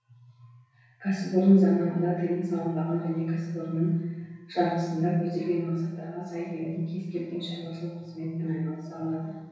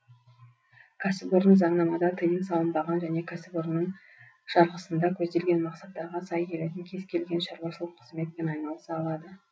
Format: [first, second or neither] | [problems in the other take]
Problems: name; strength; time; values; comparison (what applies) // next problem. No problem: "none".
second | room echo; dies away in 1 s